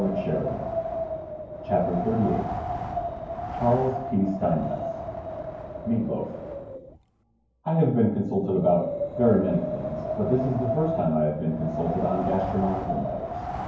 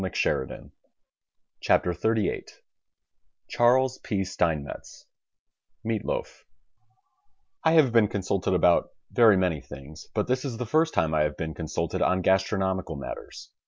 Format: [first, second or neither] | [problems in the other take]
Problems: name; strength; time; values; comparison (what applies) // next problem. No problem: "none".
second | background sound (Wind); 5 dB below the speech // room echo; dies away in 0.9 s